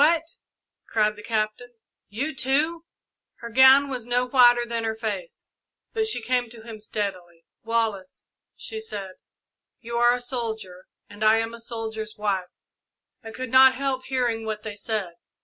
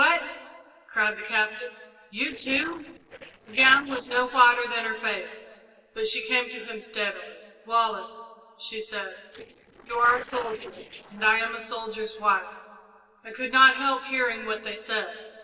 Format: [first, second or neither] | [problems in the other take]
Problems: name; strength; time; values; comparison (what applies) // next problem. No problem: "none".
first | noise reduction (neural separator model SepFormer DNS4)